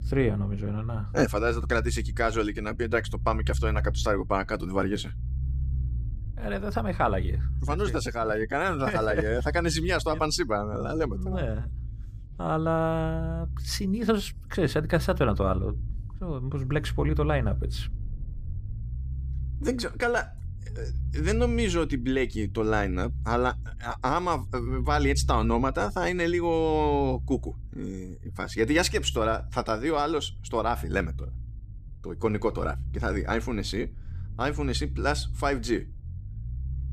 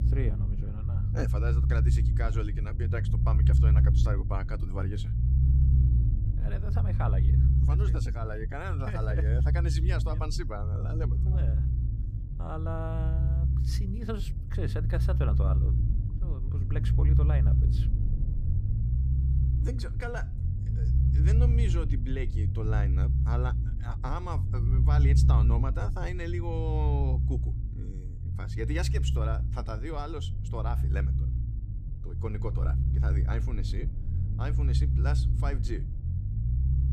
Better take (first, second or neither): first